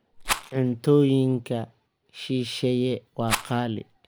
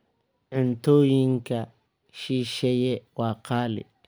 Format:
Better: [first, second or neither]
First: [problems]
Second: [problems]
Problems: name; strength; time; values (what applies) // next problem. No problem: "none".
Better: second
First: background sound (Rattle); 7 dB below the speech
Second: none